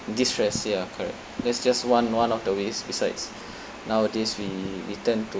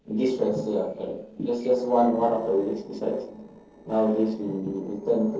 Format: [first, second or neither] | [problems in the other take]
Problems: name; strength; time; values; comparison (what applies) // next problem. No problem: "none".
first | noise reduction (neural separator model SepFormer DNS4)